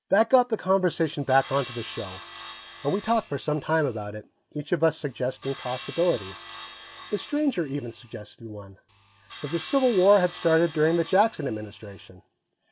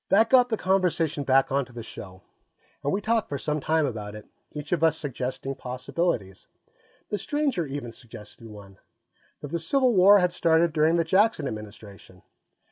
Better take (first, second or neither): second